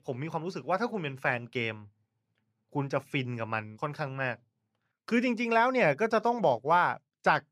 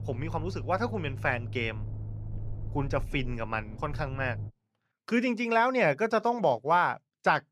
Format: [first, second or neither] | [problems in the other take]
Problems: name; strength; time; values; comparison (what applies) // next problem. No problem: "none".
first | low rumble; faint; until 4.5 s; 25 dB below the speech